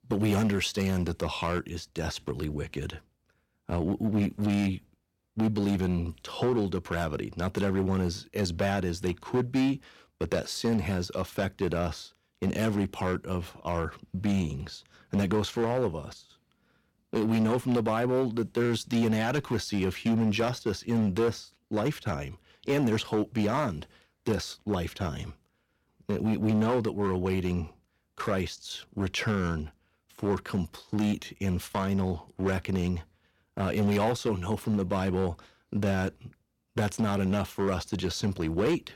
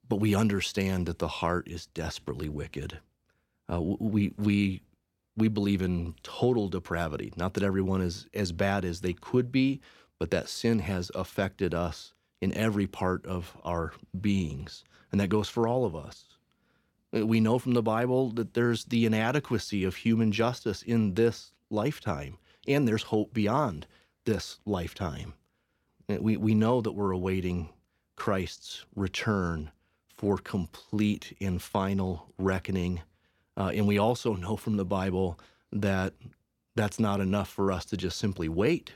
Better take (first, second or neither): second